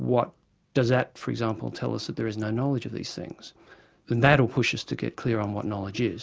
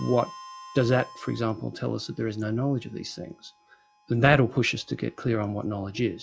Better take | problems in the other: first | noise reduction (classical method log-MMSE)

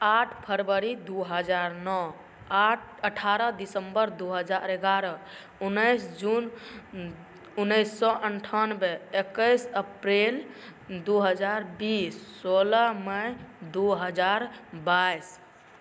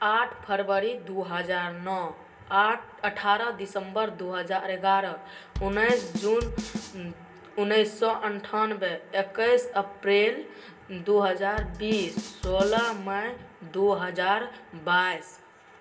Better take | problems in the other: first | background sound (Drum kit); 9 dB below the speech // room echo; dies away in 0.2 s

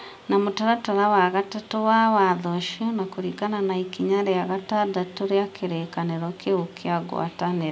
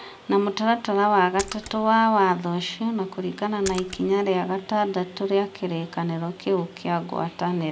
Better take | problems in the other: first | background sound (Splash, splatter); 14 dB below the speech

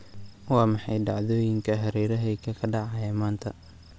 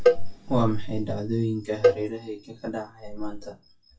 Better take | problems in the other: first | noise reduction (classical method WPE with log-MMSE)

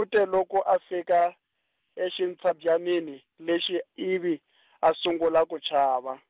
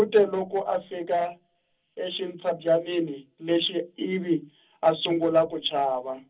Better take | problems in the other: first | room echo; dies away in 0.4 s

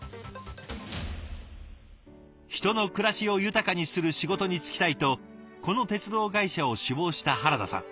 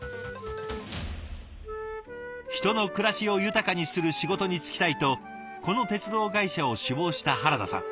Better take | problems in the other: first | background sound (Wind instrument, woodwind instrument); 10 dB below the speech

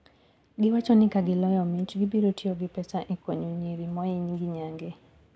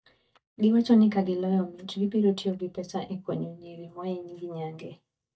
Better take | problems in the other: first | noise reduction (neural mask model DeepFilterNet 3)

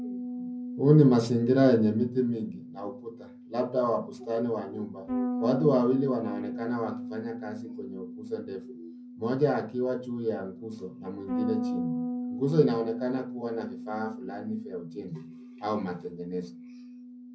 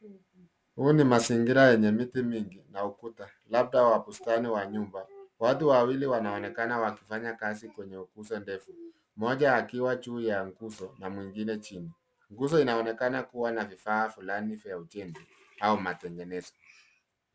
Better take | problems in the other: second | background sound (Bass guitar); 8 dB below the speech // room echo; dies away in 0.4 s

